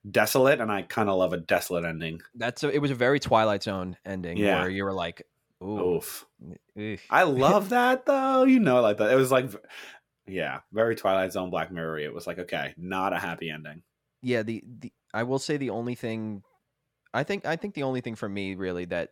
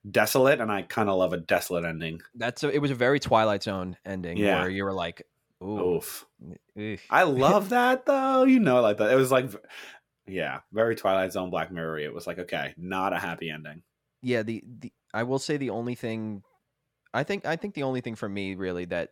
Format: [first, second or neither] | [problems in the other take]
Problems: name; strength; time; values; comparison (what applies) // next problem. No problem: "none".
neither | none